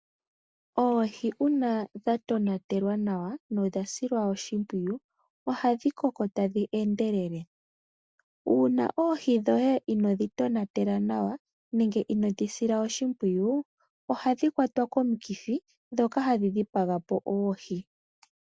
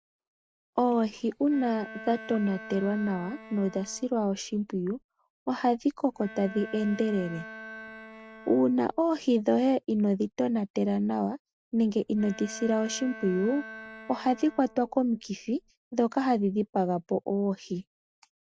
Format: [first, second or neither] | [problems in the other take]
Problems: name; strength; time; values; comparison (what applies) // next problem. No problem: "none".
first | background sound (Bowed string instrument); 17 dB below the speech